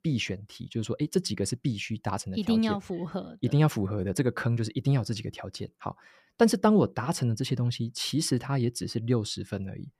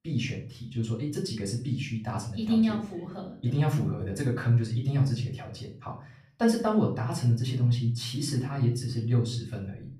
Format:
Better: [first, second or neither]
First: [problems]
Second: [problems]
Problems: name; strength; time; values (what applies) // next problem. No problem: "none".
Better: first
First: none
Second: room echo; slight; dies away in 0.4 s // off-mic speech; far